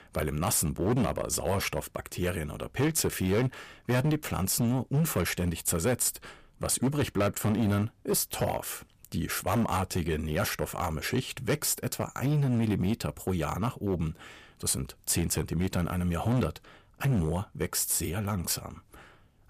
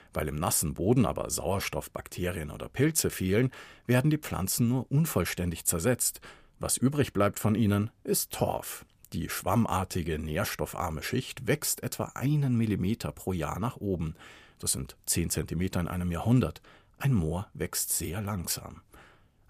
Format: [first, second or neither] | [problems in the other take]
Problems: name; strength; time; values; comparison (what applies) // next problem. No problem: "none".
second | distortion; slight; 8% of the sound clipped